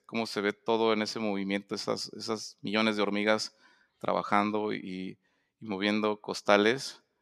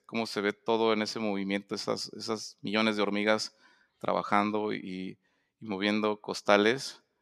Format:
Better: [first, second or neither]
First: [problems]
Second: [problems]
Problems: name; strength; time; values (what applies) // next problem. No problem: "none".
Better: neither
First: none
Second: none